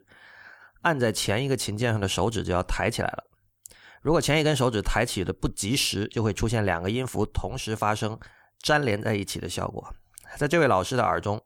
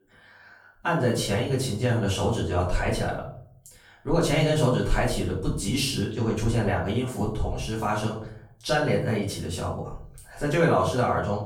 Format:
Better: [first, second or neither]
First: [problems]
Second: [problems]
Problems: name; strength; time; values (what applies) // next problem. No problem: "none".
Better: first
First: none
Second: off-mic speech; far // room echo; noticeable; dies away in 0.6 s